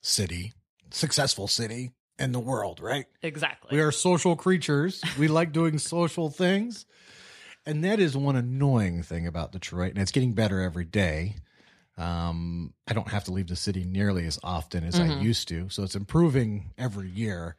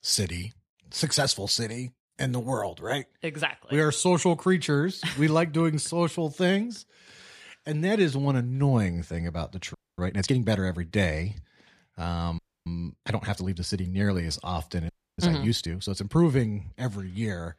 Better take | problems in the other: first | audio freezing; at 9.5 s, at 12 s and at 15 s

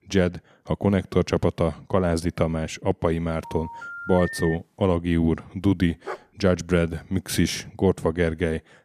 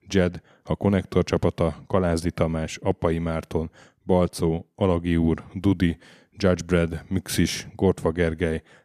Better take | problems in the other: second | phone ringing; noticeable; from 3.5 to 4.5 s; peak 8 dB below the speech // dog barking; faint; at 6 s; peak 15 dB below the speech

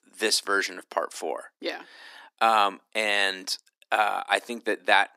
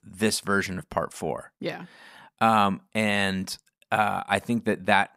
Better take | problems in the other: second | thin; very; fading below 300 Hz

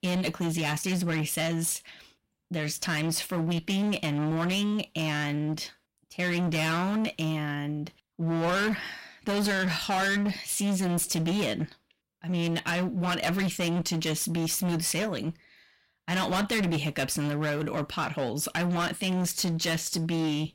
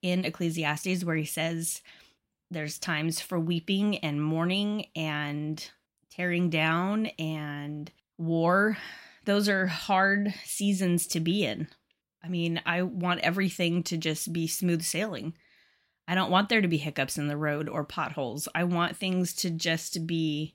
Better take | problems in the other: second | distortion; heavy; 22% of the sound clipped

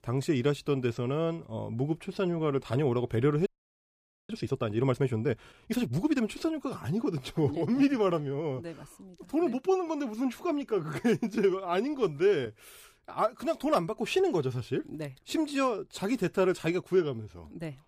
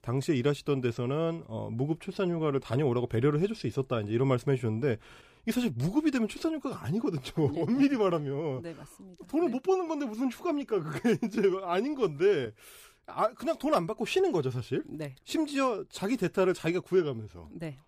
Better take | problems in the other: second | audio freezing; at 3.5 s for 1 s

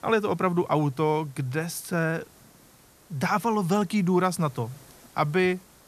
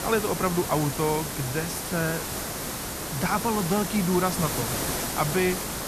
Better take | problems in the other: first | hiss; loud; throughout; 3 dB below the speech; faint in the first

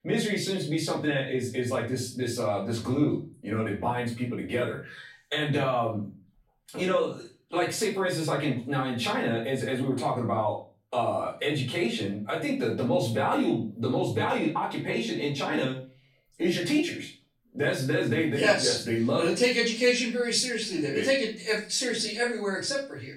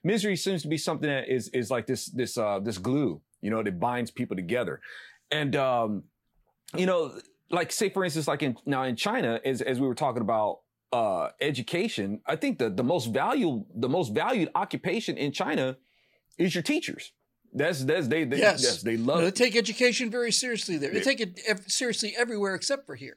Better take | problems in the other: second | off-mic speech; far // room echo; slight; dies away in 0.3 s

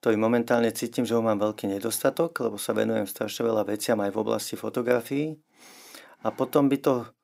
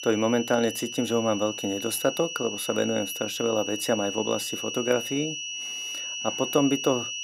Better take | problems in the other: first | high-pitched whine; loud; throughout; 3 kHz, 5 dB below the speech

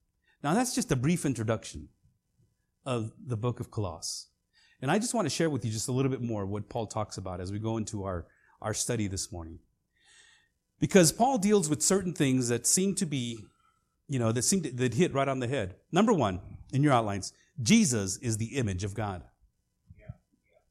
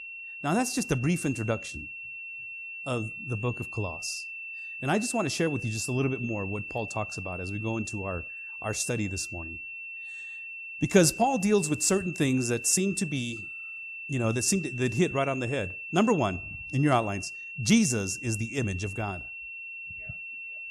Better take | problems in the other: first | high-pitched whine; loud; throughout; 2.5 kHz, 9 dB below the speech

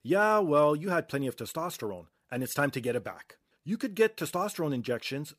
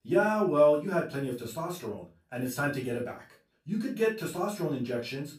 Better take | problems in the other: first | off-mic speech; far // room echo; slight; dies away in 0.3 s

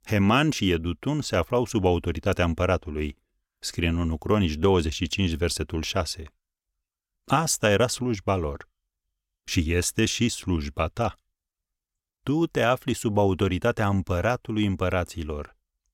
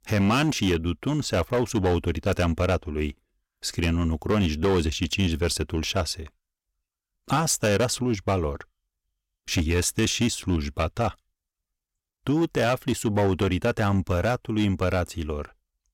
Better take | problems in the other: first | distortion; slight; 7% of the sound clipped

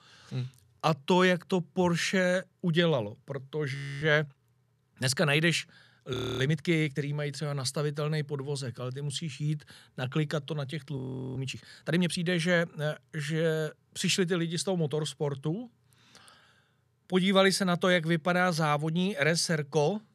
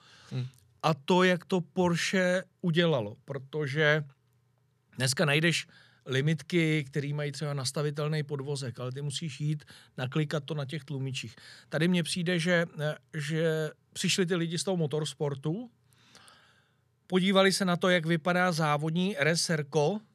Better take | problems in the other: second | audio freezing; at 3.5 s, at 6 s and at 11 s

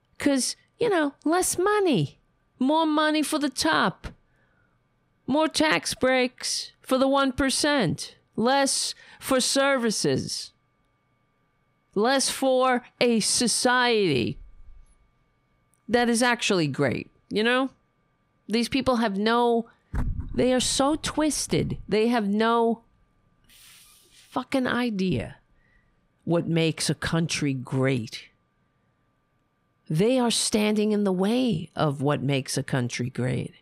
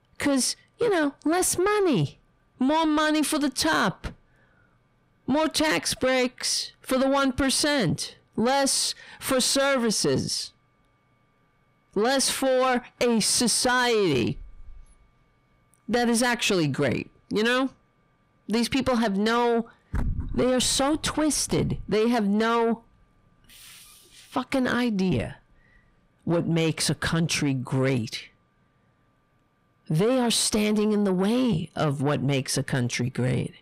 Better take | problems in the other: first | distortion; slight; 10 dB below the speech

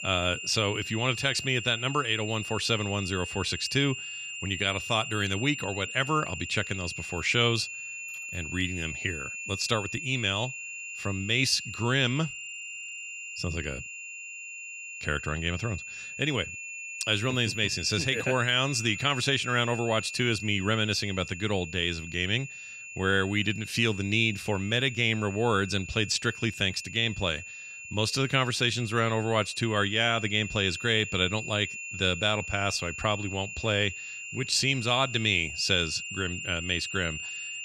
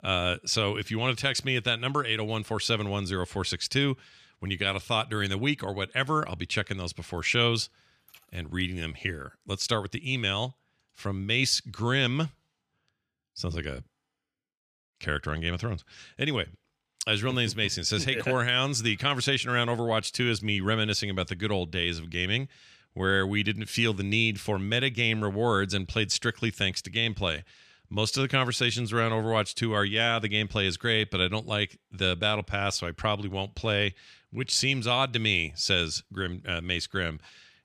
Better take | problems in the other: second | high-pitched whine; loud; throughout; 2.5 kHz, 9 dB below the speech

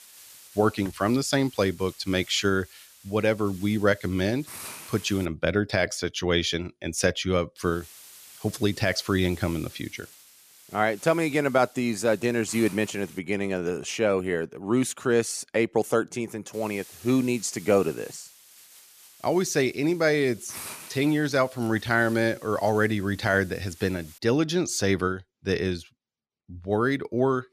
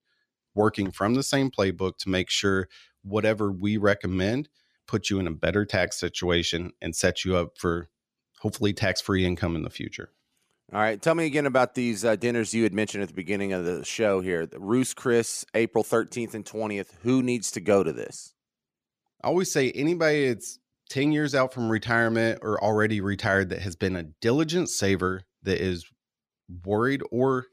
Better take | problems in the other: second | hiss; noticeable; until 5.5 s, from 7.5 to 13 s and from 17 to 24 s; 20 dB below the speech

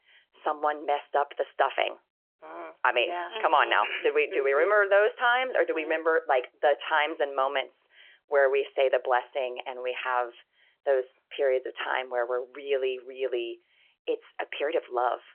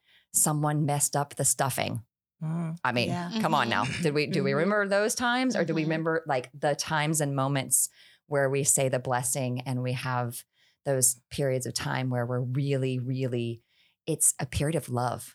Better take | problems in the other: second | phone-call audio; nothing above 3 kHz

